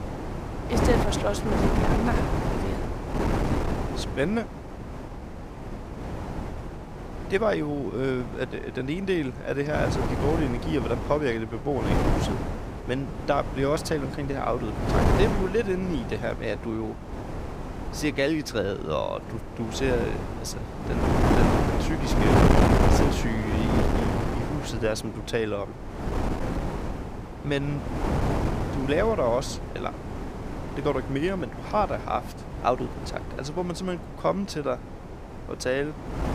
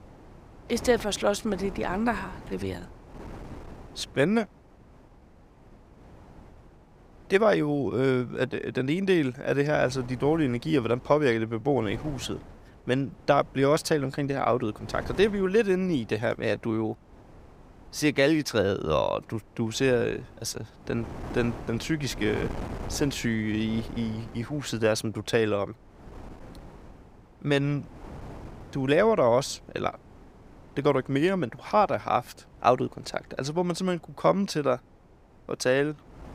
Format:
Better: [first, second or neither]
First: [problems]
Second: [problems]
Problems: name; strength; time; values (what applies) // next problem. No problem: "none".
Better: second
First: wind noise on the microphone; heavy; 2 dB below the speech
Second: wind noise on the microphone; occasional gusts; 20 dB below the speech